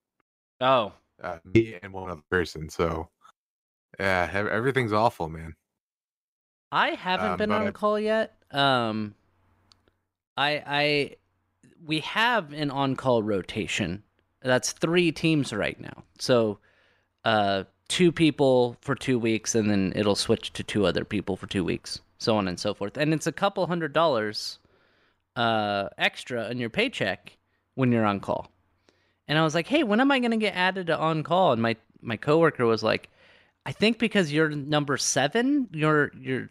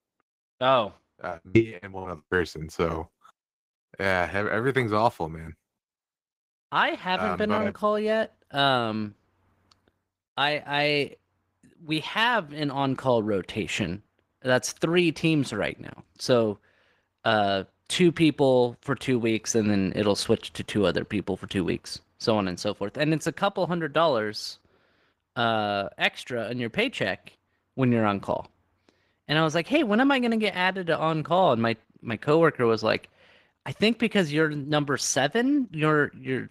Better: first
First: none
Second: garbled, watery; slightly; nothing above 15.5 kHz

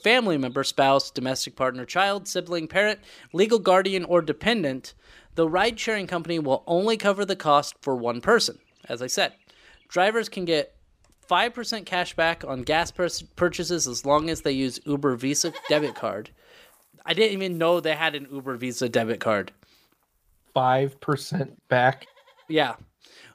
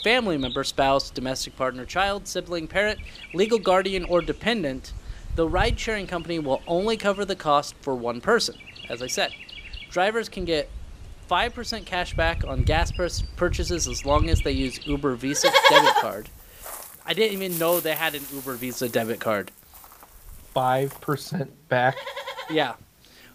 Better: first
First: animal sounds; faint; throughout; 25 dB below the speech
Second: animal sounds; loud; throughout; 2 dB below the speech

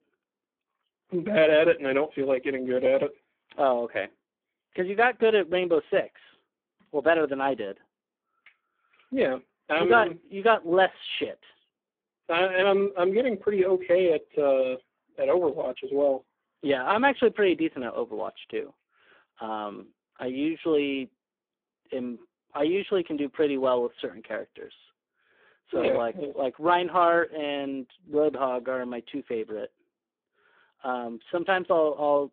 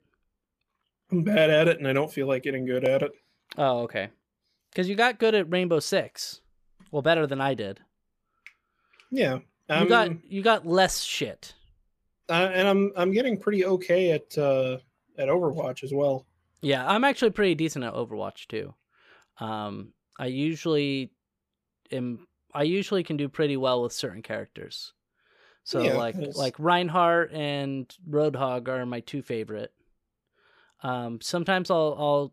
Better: second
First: phone-call audio; poor line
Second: none

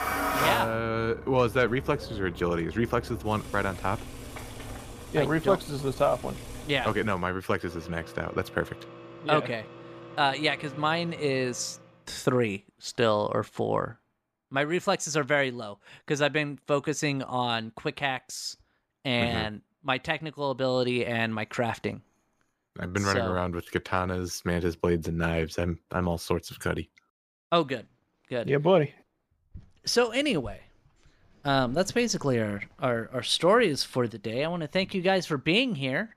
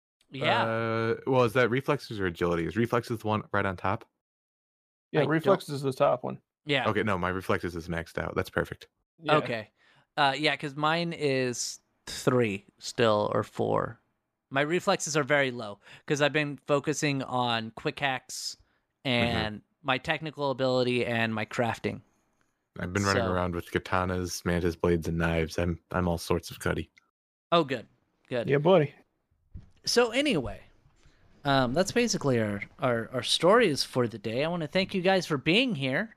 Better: second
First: household noises; noticeable; until 12 s; 10 dB below the speech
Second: none

